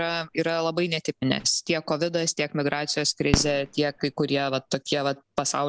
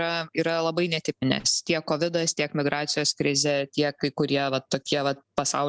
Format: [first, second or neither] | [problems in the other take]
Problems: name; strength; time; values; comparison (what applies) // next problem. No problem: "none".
second | background sound (Fireworks); 11 dB below the speech